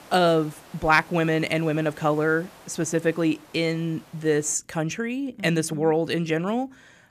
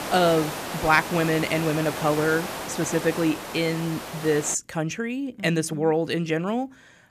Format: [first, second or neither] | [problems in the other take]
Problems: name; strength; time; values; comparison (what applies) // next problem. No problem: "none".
first | hiss; loud; until 4.5 s; 7 dB below the speech; faint in the first